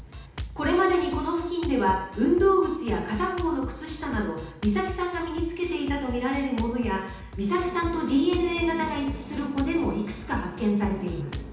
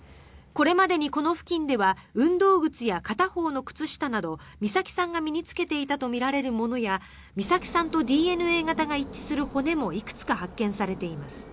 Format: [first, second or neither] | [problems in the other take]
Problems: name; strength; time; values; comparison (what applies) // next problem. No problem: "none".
second | background sound (Drum kit); 11 dB below the speech // room echo; dies away in 0.8 s